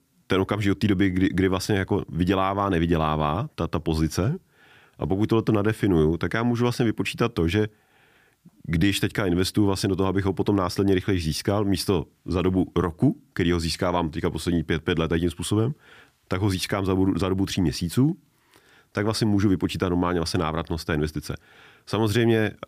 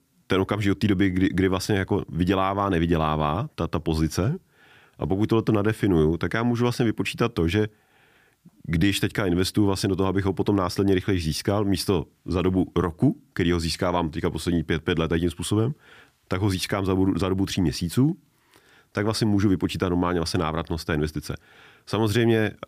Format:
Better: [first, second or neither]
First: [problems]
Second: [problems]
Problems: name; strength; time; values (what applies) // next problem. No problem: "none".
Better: neither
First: none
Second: none